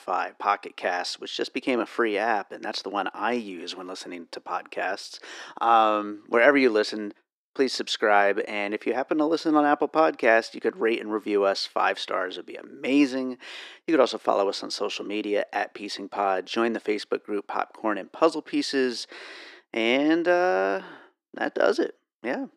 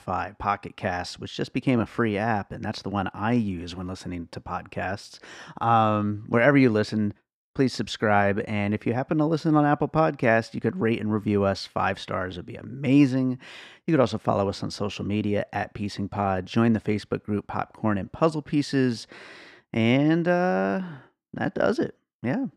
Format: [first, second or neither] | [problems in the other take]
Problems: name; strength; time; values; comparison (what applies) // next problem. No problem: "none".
second | thin; somewhat; fading below 350 Hz